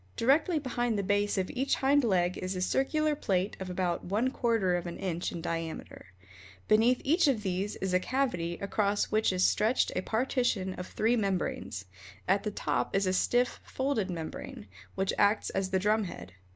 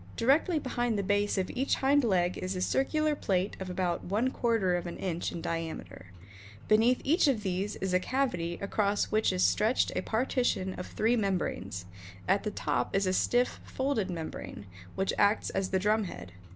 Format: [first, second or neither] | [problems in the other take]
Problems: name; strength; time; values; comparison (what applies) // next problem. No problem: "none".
first | background sound (Microwave oven); 17 dB below the speech